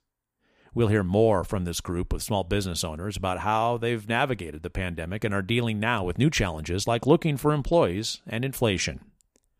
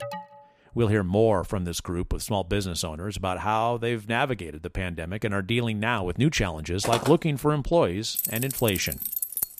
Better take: first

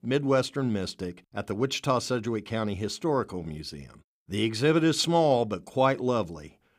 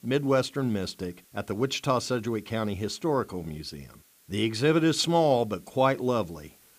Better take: first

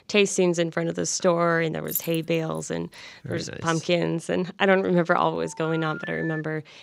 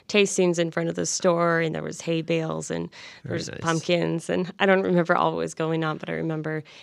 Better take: second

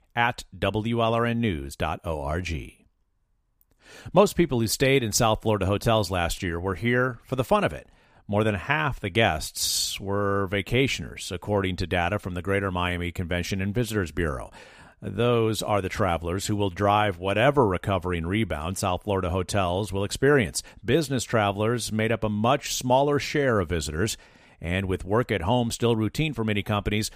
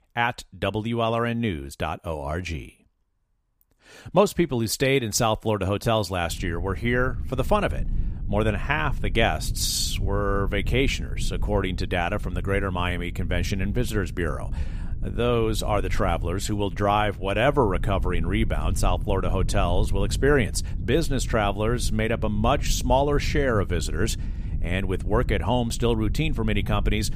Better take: first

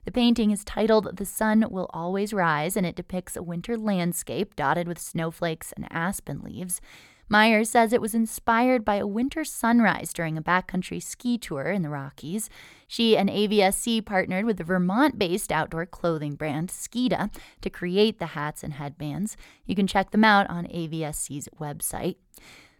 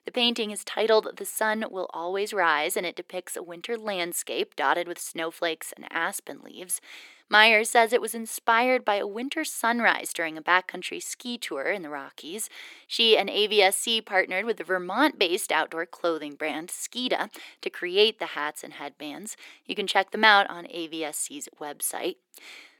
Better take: first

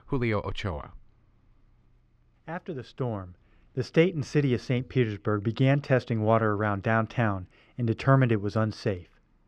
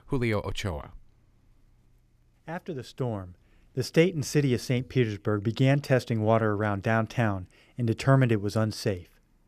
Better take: second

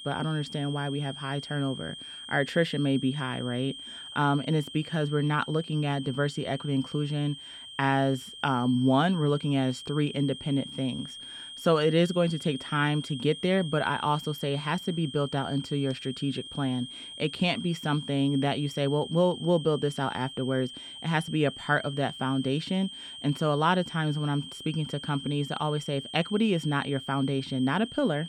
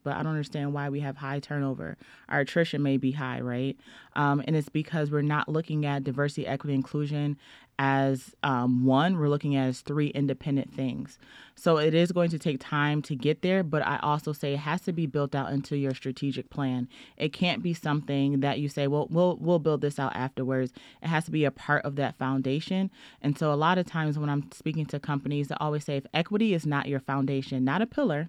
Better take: second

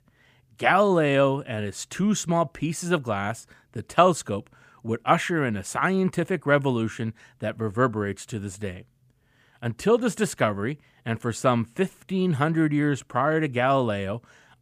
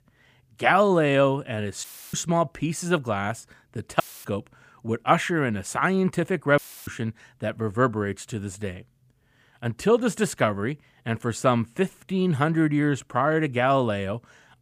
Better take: first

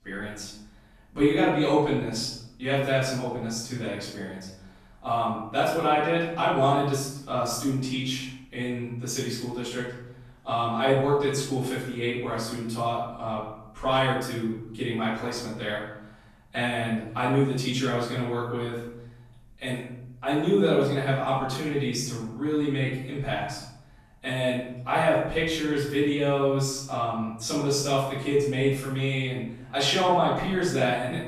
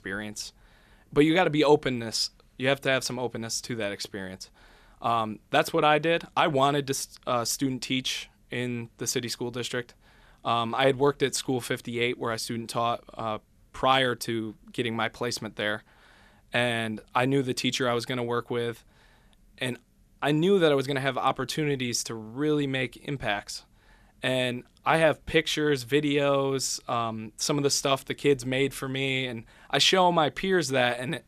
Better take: second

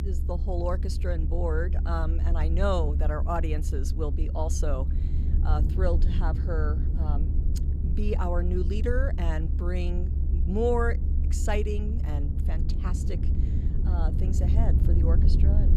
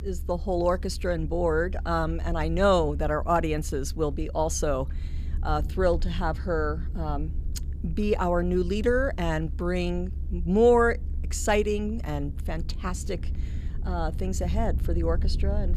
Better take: second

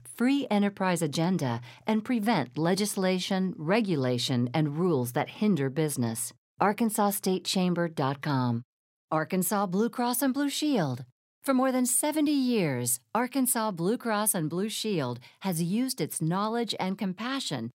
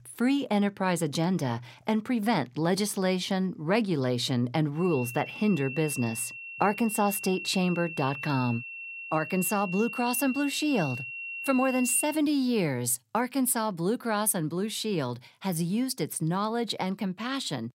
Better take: first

